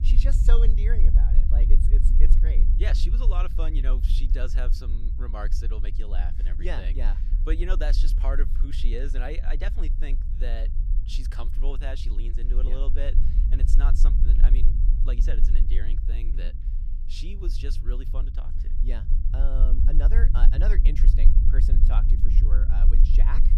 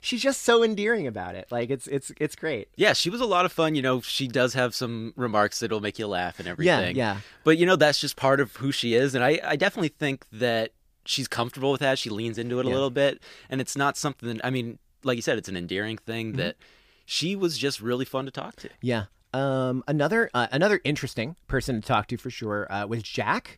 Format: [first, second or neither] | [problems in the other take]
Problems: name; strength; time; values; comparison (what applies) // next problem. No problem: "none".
second | low rumble; loud; throughout; 7 dB below the speech